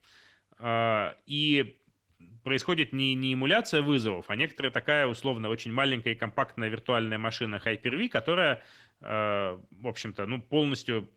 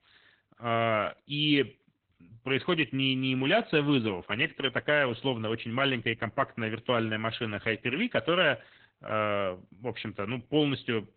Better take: first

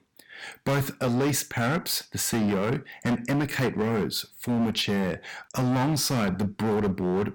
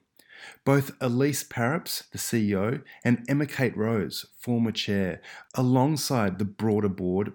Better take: second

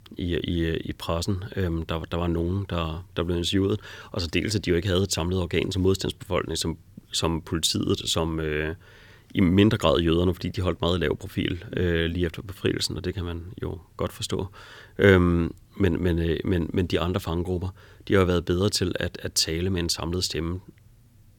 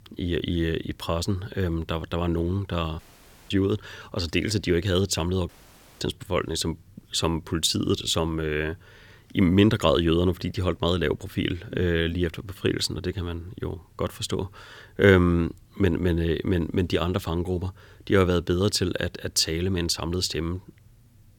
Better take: first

